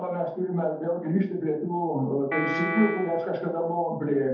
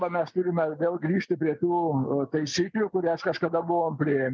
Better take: second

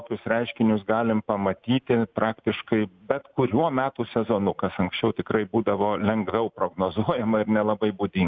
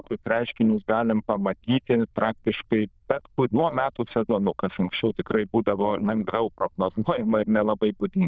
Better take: first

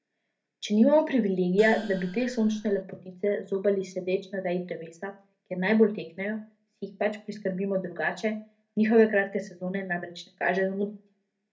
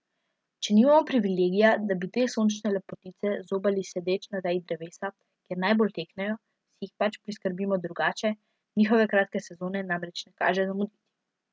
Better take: second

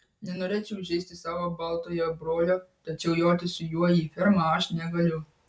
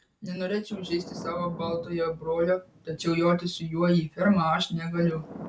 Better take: first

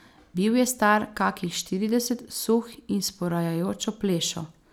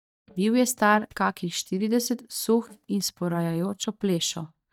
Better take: first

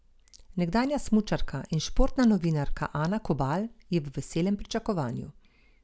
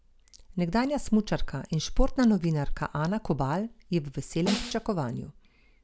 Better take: first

